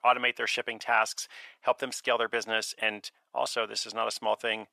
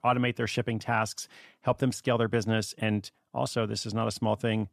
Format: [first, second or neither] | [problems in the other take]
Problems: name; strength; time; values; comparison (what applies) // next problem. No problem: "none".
second | thin; very; fading below 650 Hz